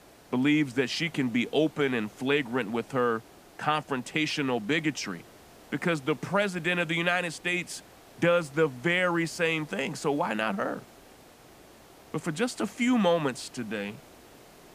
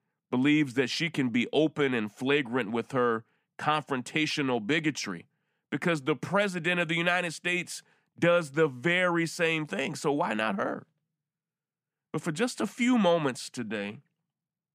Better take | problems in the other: second | hiss; faint; throughout; 25 dB below the speech

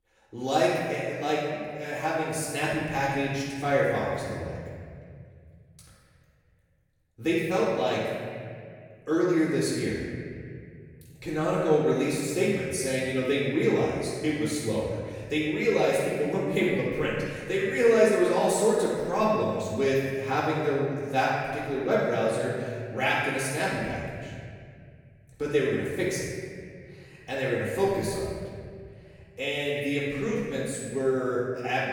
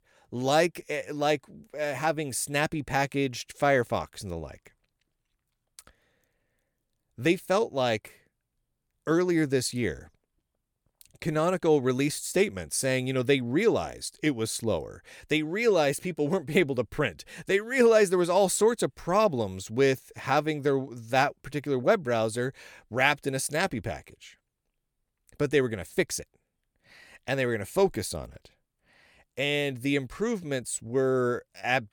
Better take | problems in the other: second | off-mic speech; far // room echo; strong; dies away in 2.2 s

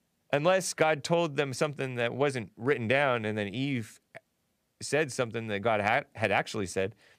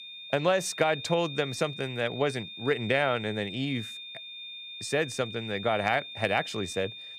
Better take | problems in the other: first | high-pitched whine; noticeable; throughout; 3.5 kHz, 10 dB below the speech

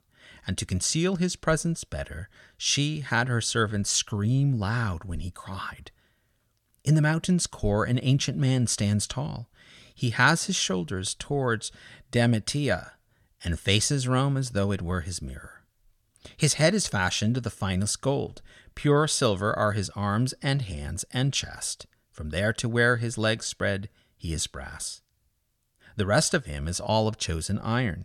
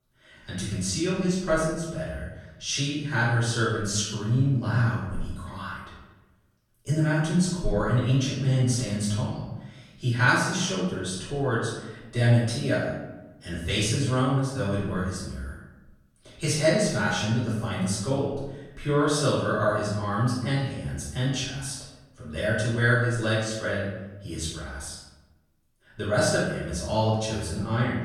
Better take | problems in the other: first | off-mic speech; far // room echo; noticeable; dies away in 0.9 s

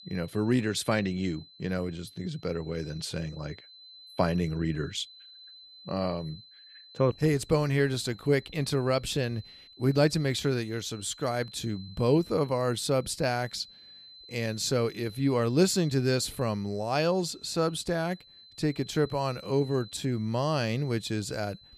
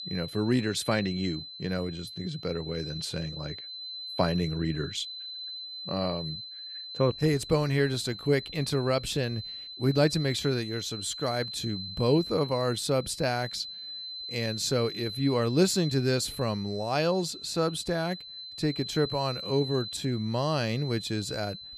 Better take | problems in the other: first | high-pitched whine; loud; throughout; 4 kHz, 9 dB below the speech; faint in the first

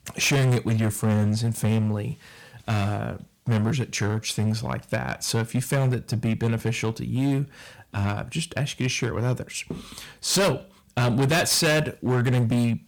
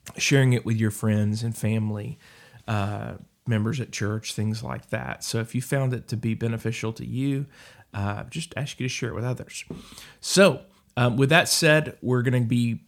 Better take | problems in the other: second | distortion; heavy; 11% of the sound clipped

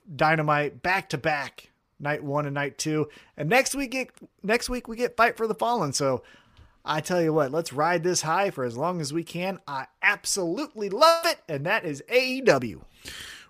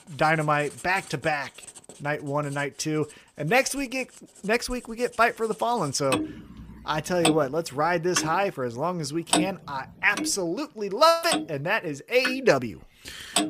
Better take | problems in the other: first | household noises; loud; throughout; 5 dB below the speech

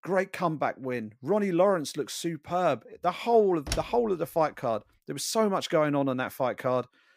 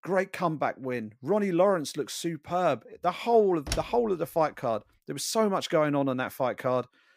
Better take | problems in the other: neither | door banging; noticeable; at 3.5 s; peak 7 dB below the speech; the same in both

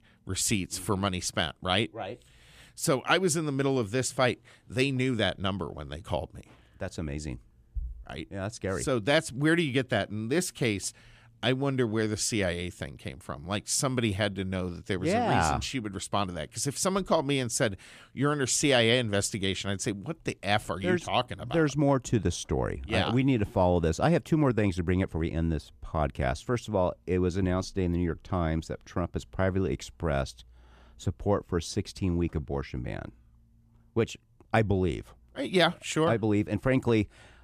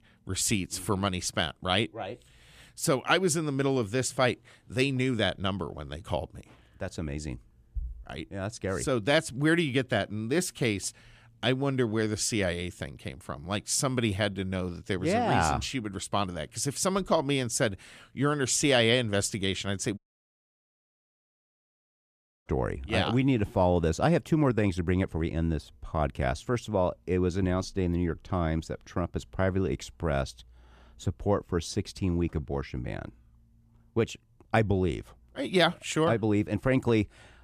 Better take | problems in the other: first | audio cutting out; at 20 s for 2.5 s

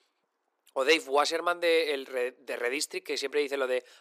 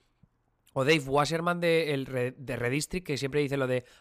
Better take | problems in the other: second | thin; somewhat; fading below 350 Hz

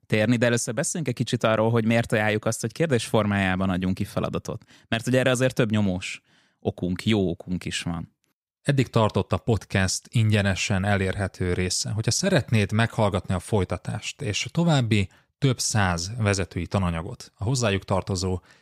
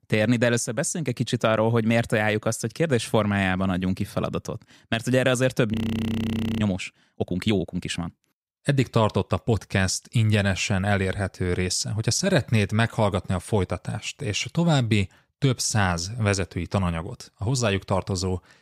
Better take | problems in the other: first | audio freezing; at 5.5 s for 1 s

